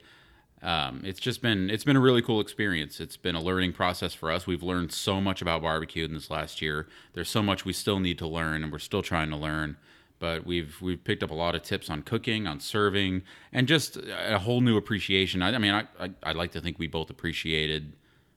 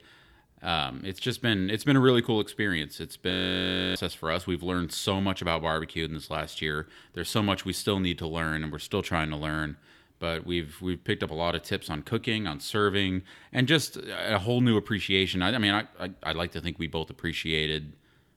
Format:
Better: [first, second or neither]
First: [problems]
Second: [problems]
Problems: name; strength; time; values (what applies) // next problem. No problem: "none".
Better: first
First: none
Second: audio freezing; at 3.5 s for 0.5 s